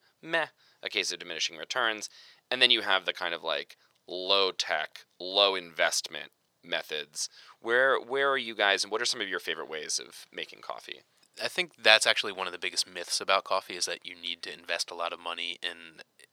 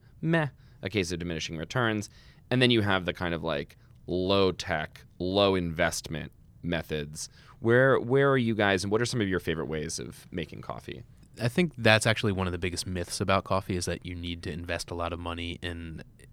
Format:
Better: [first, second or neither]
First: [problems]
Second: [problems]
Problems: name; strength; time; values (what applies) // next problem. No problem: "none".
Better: second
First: thin; very; fading below 650 Hz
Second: none